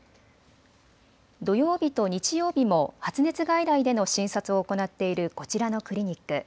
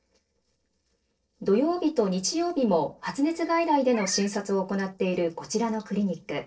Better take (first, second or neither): first